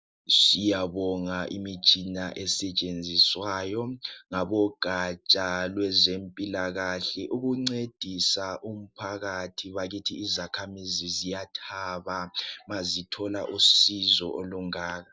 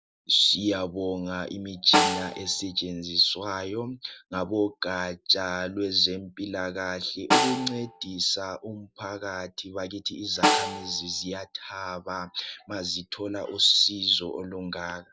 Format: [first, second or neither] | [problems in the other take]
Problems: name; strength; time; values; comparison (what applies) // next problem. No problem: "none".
first | background sound (Snare drum); 1 dB below the speech